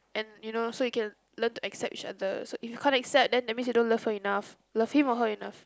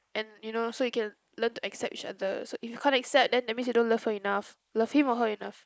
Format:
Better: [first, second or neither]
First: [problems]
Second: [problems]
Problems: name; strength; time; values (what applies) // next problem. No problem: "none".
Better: first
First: none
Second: noise reduction (neural mask model Resemble Enhance denoiser)